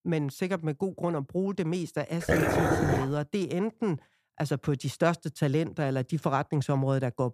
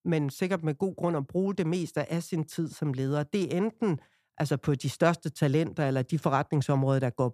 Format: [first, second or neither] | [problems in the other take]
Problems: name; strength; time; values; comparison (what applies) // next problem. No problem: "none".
second | dog barking; loud; at 2 s; peak 5 dB above the speech